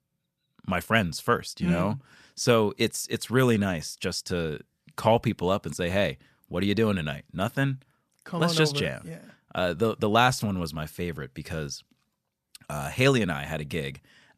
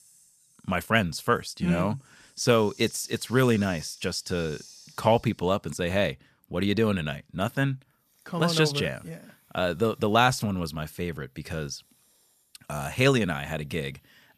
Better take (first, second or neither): first